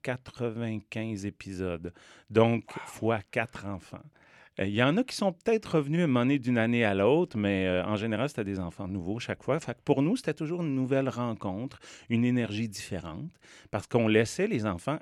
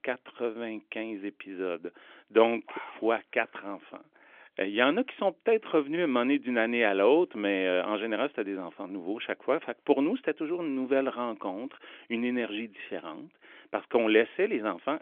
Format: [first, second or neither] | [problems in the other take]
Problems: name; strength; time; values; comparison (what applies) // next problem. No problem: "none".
first | phone-call audio; nothing above 3.5 kHz